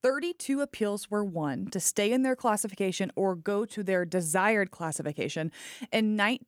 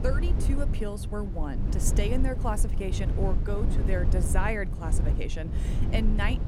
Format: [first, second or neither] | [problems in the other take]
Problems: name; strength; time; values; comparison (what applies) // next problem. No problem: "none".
first | low rumble; loud; throughout; 7 dB below the speech